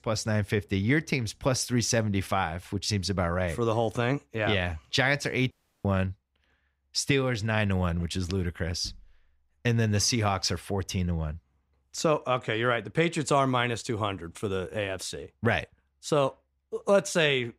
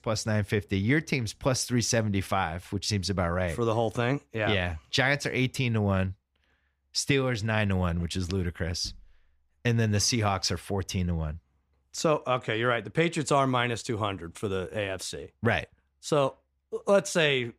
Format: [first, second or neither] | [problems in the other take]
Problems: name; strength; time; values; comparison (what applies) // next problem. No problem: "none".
second | audio cutting out; at 5.5 s